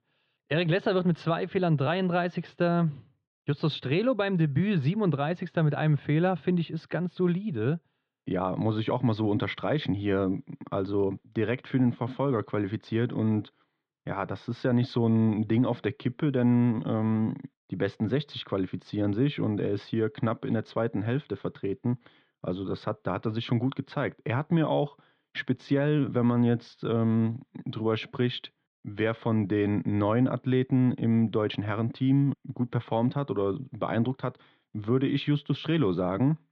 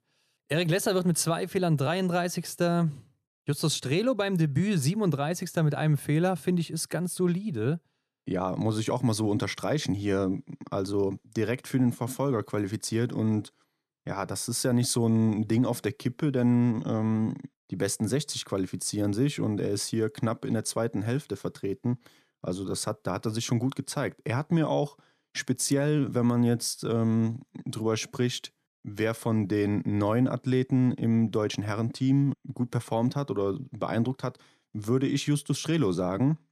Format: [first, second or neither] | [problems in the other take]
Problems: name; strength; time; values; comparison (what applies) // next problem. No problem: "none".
second | muffled; very; fading above 3.5 kHz